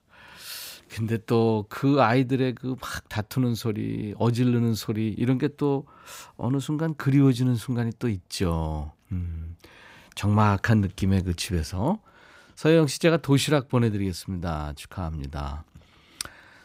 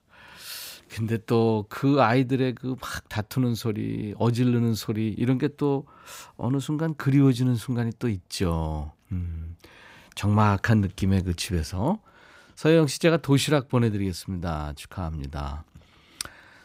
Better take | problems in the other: neither | none

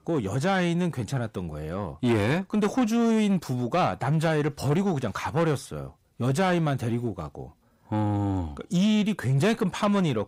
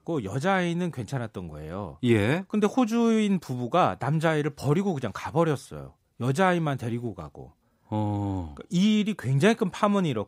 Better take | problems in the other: second | distortion; slight; 10 dB below the speech

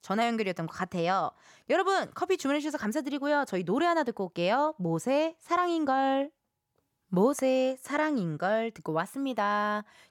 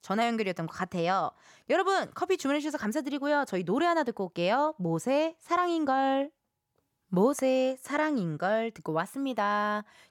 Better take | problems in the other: neither | none

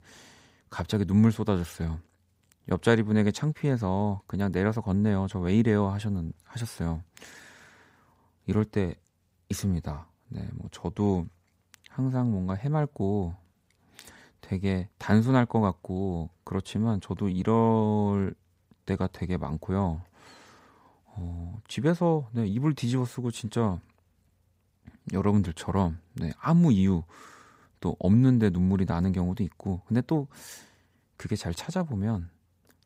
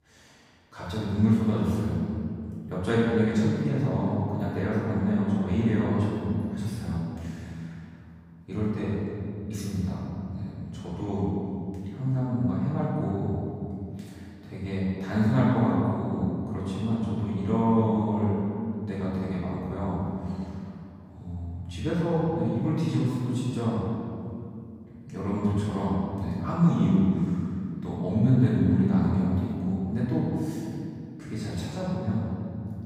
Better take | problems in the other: first | off-mic speech; far // room echo; strong; dies away in 2.5 s

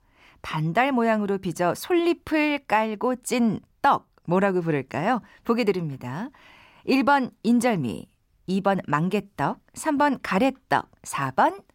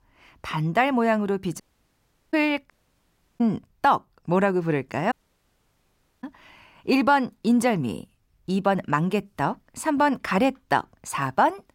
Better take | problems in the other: first | audio cutting out; at 1.5 s for 0.5 s, at 2.5 s for 0.5 s and at 5 s for 1 s

